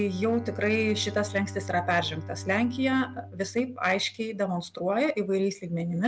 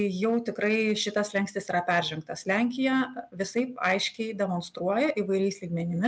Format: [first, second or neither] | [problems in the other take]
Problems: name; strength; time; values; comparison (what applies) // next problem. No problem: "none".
second | background sound (Bowed string instrument); 14 dB below the speech